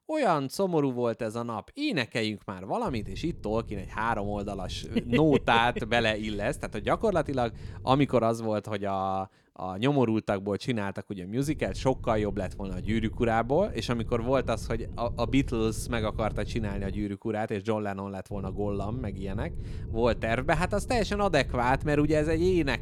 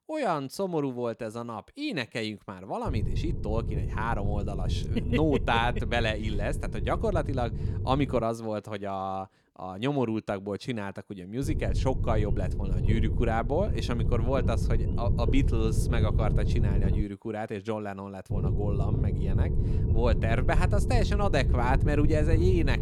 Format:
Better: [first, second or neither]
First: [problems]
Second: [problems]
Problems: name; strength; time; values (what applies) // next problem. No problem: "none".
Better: first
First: low rumble; faint; from 3 to 8 s, from 11 to 17 s and from 18 s on; 25 dB below the speech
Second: low rumble; loud; from 3 to 8 s, from 11 to 17 s and from 18 s on; 10 dB below the speech